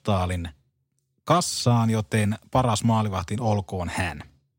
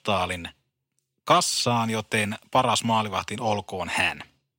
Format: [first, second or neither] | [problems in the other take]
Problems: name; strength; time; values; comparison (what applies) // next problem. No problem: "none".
first | thin; somewhat; fading below 400 Hz